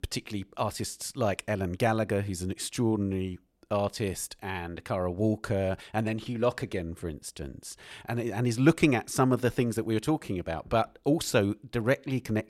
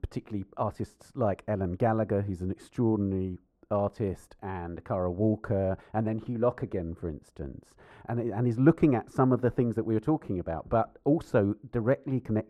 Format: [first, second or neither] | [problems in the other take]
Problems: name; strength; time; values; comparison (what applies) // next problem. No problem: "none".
first | muffled; very; fading above 1.5 kHz